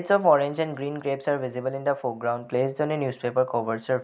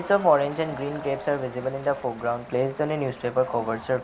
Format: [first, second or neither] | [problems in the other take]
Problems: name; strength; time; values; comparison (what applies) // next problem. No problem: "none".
first | background sound (Crowd); 14 dB below the speech